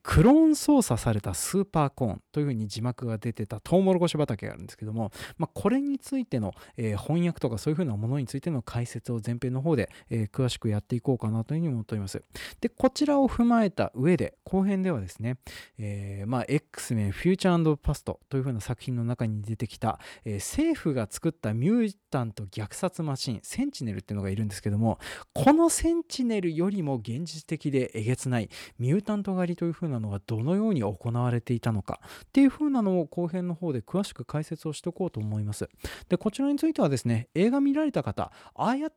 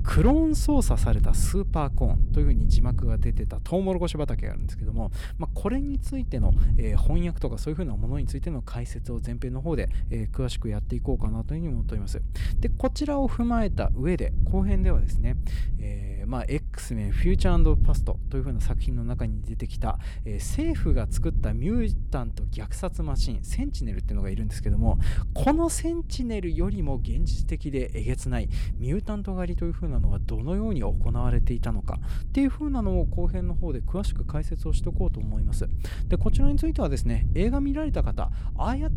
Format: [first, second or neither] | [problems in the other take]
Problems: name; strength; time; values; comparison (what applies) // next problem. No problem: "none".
first | low rumble; noticeable; throughout; 15 dB below the speech